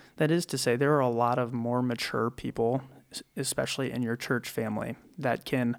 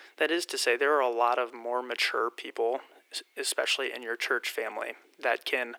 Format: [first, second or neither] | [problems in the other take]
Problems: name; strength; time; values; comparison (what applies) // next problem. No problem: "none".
first | thin; very; fading below 350 Hz